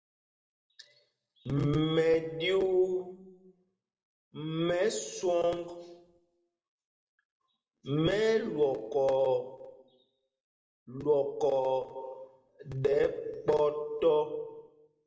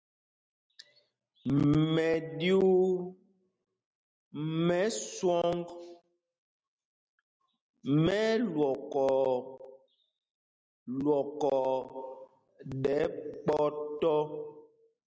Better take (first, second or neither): second